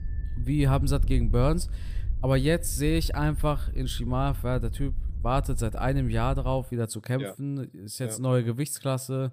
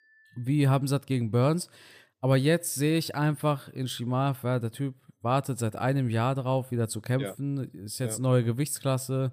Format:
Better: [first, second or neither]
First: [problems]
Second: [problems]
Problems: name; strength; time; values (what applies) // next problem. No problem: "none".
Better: second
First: wind noise on the microphone; occasional gusts; until 6.5 s; 20 dB below the speech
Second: none